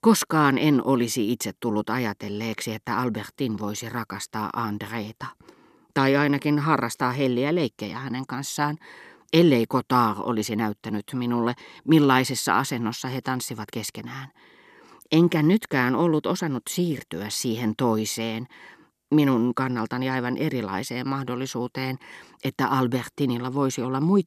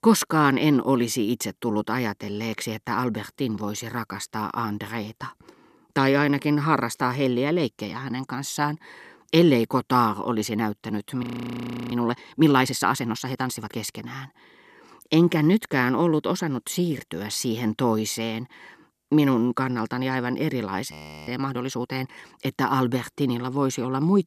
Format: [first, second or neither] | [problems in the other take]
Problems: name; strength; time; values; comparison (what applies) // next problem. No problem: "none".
first | audio freezing; at 11 s for 0.5 s and at 21 s